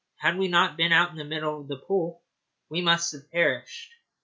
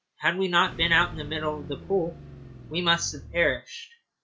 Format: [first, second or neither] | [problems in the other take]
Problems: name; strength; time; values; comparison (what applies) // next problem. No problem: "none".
first | background sound (Car); 13 dB below the speech